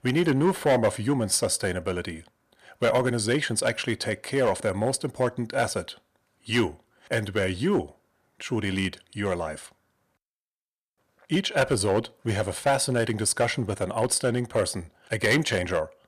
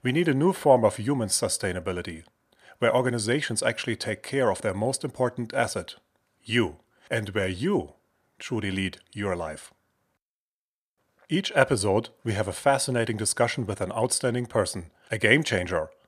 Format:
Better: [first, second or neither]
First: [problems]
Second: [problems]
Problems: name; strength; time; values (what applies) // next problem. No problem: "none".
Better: second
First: distortion; slight; 3% of the sound clipped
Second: none